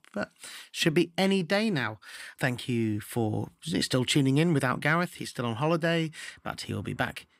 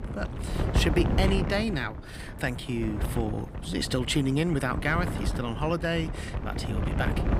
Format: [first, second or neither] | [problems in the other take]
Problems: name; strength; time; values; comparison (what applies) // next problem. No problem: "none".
first | wind noise on the microphone; heavy; 7 dB below the speech